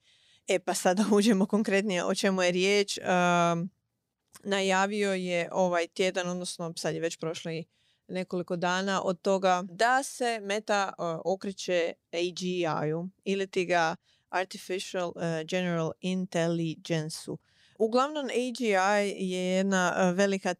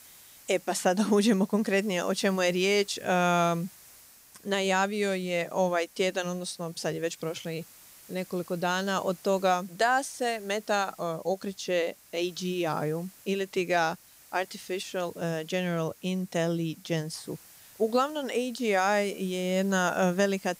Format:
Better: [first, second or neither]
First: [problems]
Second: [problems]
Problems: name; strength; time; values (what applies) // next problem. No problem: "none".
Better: first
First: none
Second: hiss; faint; throughout; 25 dB below the speech